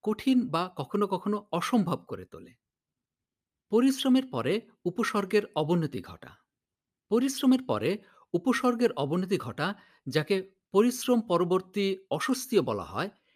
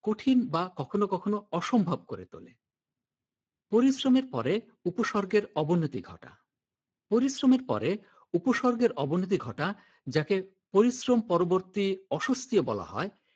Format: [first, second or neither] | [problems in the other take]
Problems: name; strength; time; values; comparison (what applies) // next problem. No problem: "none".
first | garbled, watery; badly